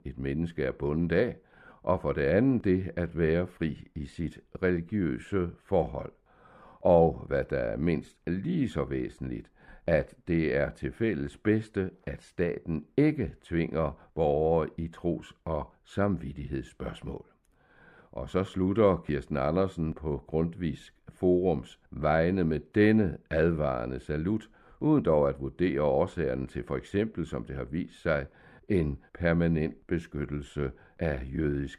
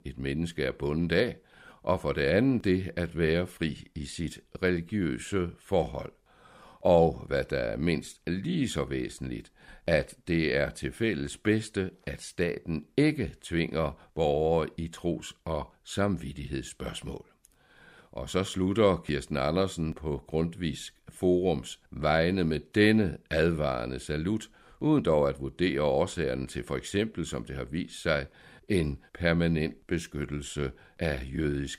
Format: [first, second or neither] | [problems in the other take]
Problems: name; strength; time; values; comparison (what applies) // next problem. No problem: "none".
second | muffled; slightly; fading above 2.5 kHz